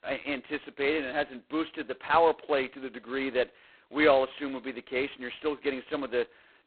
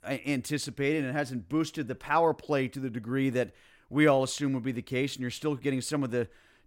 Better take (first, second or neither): second